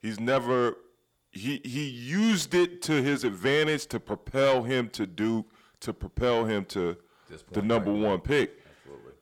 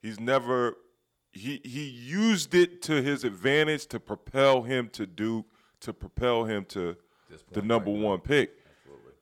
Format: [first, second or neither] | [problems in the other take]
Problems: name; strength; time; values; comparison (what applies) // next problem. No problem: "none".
second | distortion; slight; 10 dB below the speech